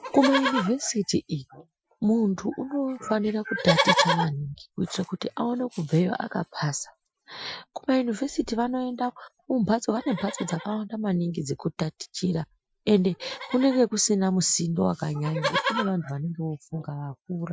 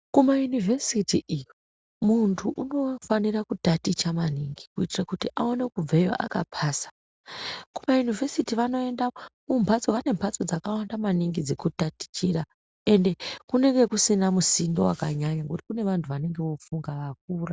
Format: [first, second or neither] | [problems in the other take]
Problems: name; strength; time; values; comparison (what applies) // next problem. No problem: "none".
second | noise reduction (classical method Wiener filter)